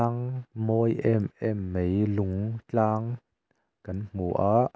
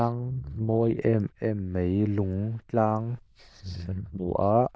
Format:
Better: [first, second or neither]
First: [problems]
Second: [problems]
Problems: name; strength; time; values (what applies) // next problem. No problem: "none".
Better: first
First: none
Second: noise reduction (neural diffusion model UNIVERSE++)